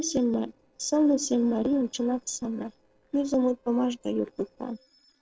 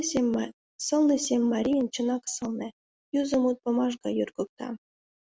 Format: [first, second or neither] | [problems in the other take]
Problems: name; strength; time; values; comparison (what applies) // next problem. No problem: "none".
second | noise reduction (neural separator model SepFormer DNS4)